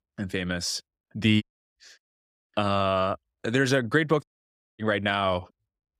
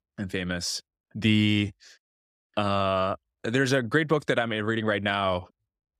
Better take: second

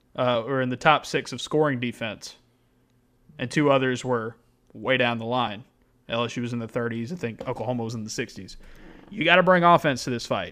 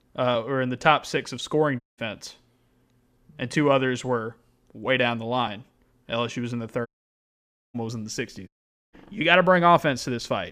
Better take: first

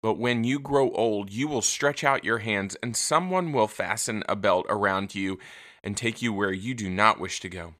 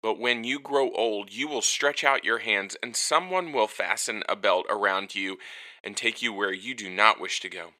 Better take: first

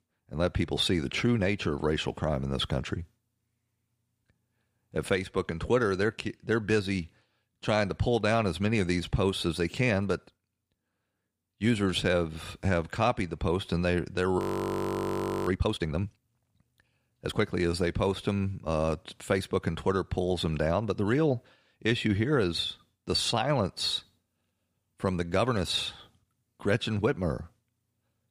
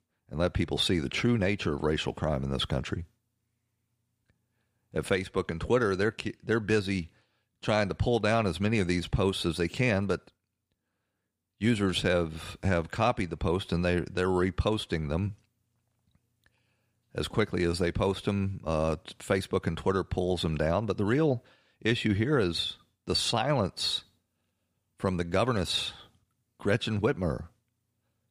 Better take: second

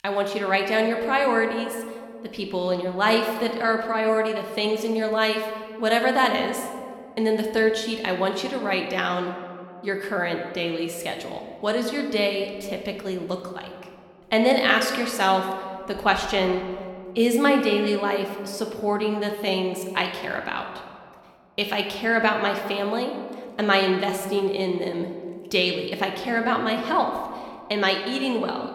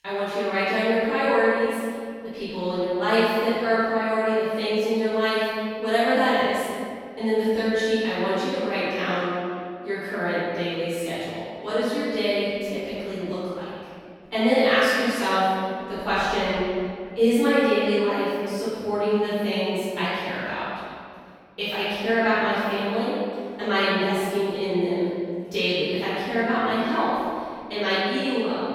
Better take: first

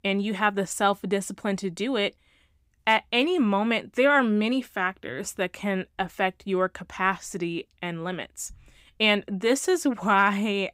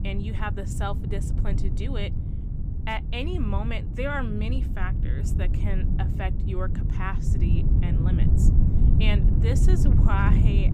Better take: first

